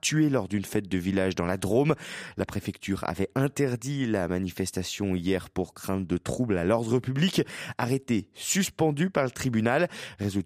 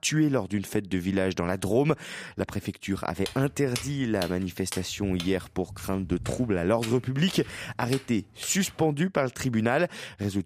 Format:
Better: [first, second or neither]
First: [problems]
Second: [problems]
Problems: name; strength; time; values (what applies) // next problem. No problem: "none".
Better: first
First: none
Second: footsteps; noticeable; from 3.5 to 9 s; peak 8 dB below the speech